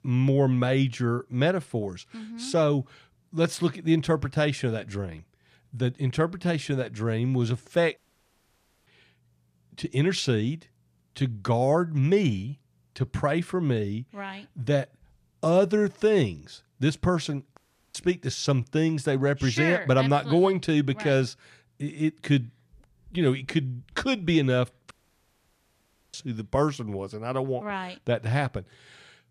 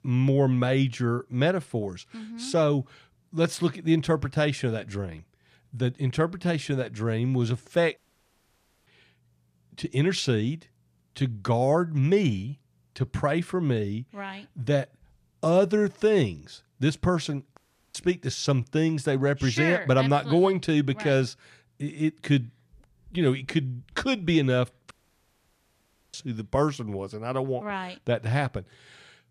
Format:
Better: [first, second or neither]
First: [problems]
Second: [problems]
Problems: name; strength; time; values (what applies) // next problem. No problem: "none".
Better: neither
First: audio cutting out; at 8 s for 1 s, at 18 s and at 25 s for 1 s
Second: audio cutting out; at 8 s for 1 s, at 18 s and at 25 s for 1 s